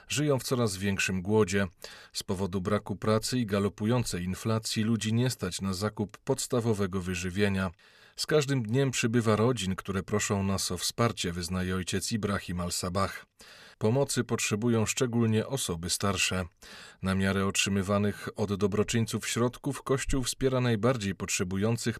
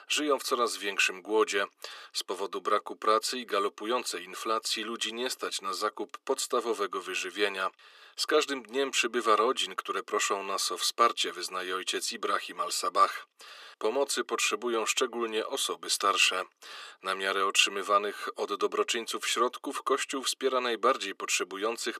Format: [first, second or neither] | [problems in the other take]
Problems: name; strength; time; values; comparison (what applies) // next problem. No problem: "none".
first | thin; very; fading below 300 Hz